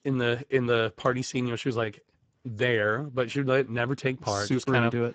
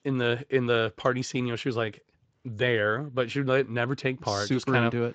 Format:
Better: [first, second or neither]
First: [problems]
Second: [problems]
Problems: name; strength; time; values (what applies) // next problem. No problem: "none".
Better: second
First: garbled, watery; badly; nothing above 8 kHz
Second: garbled, watery; slightly; nothing above 7.5 kHz